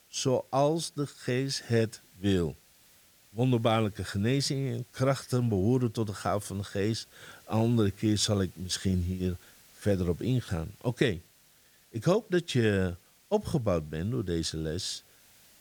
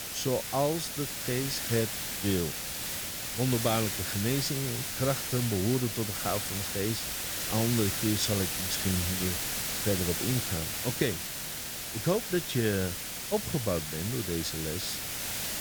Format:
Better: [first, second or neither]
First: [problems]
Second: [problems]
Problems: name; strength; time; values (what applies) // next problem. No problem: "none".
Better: first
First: hiss; faint; throughout; 25 dB below the speech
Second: hiss; loud; throughout; as loud as the speech